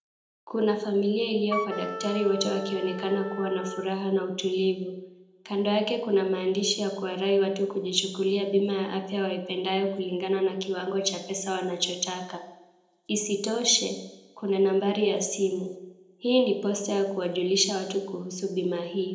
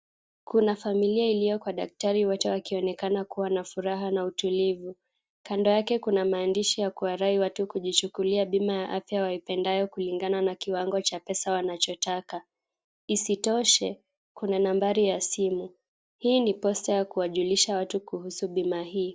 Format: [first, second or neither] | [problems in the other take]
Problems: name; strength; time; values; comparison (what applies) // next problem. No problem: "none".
second | background sound (Wind instrument, woodwind instrument); 9 dB below the speech // room echo; dies away in 0.7 s